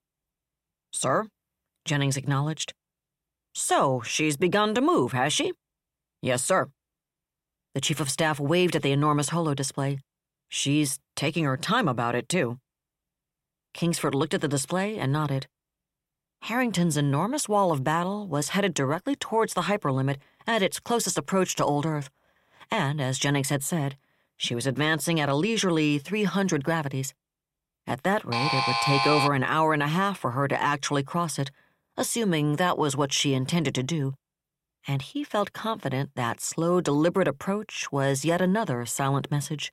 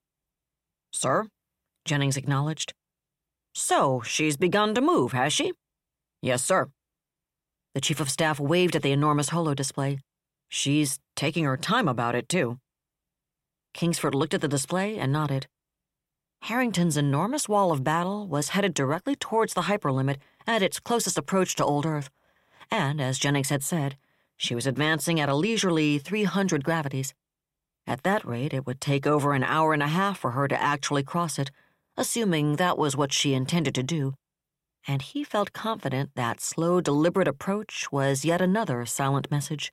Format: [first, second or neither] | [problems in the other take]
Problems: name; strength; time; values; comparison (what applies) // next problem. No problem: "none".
second | alarm; loud; at 28 s; peak 3 dB above the speech